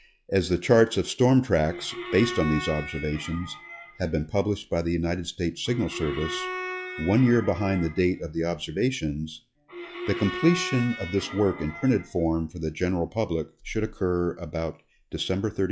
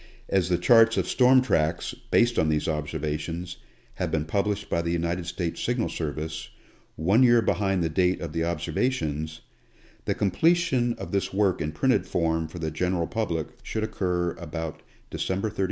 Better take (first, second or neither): second